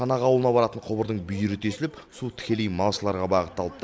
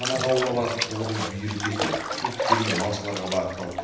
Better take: first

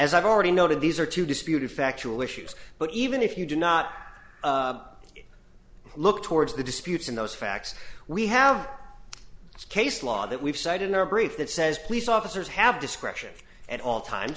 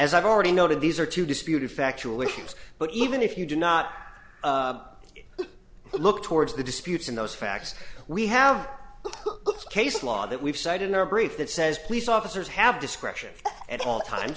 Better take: first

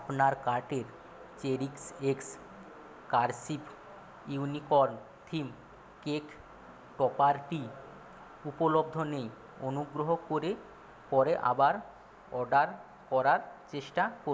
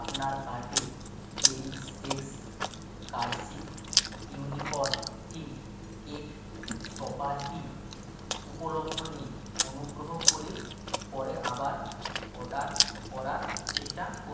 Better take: first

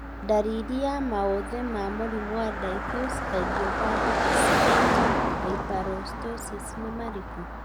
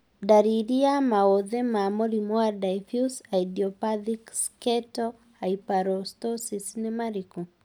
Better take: second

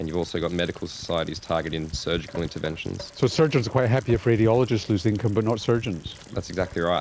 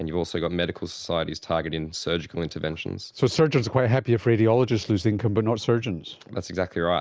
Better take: second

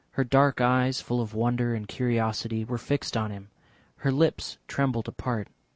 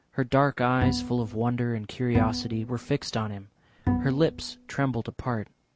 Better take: first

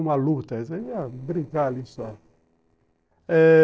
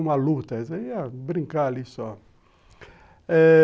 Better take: second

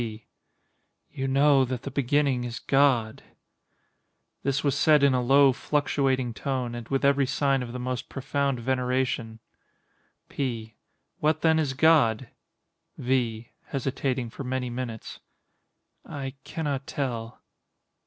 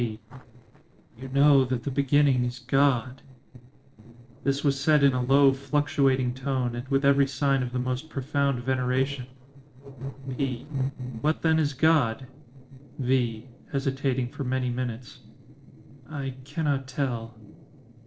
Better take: first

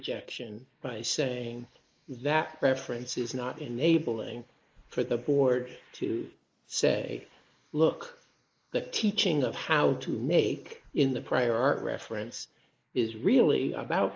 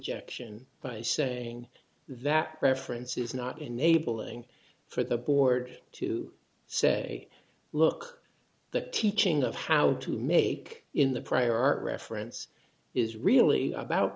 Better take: second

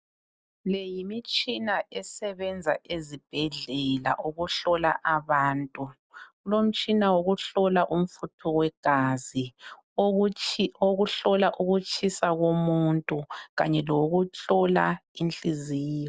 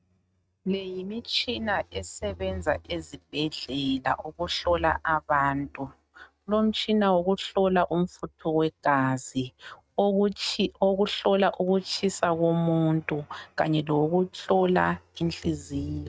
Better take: first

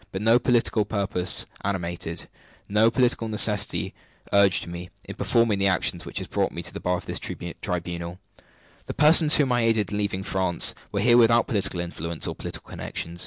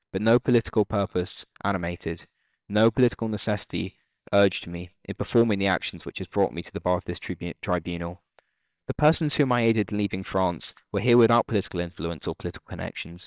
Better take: first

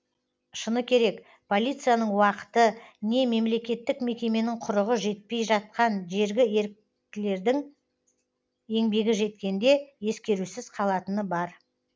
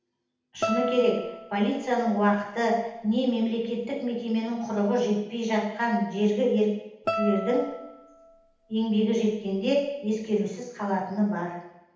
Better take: first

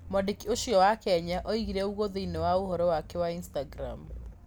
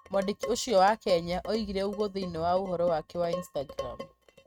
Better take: first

